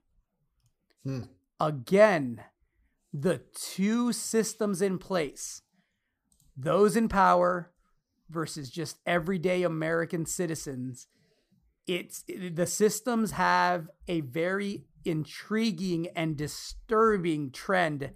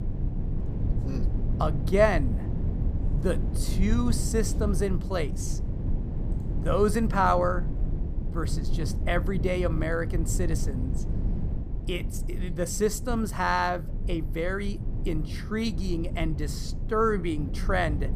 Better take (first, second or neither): first